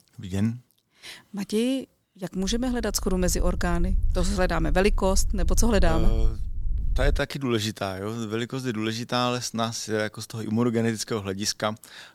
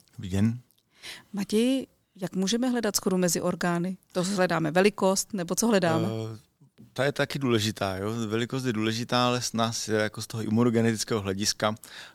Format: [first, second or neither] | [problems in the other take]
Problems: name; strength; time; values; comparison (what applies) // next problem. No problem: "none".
second | low rumble; faint; from 2.5 to 7 s; 25 dB below the speech